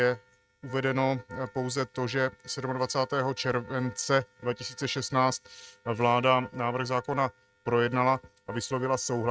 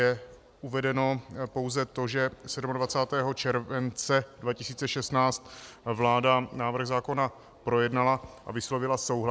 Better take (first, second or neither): second